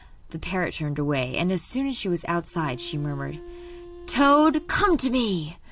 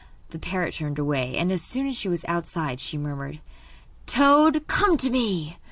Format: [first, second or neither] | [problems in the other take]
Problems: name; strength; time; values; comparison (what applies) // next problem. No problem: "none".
second | background sound (Wind instrument, woodwind instrument); 18 dB below the speech